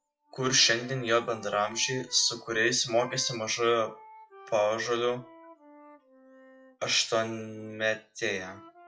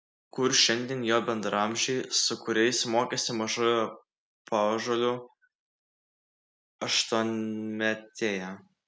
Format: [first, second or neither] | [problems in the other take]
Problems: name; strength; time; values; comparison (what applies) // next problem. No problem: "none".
second | noise reduction (classical method WPE with log-MMSE)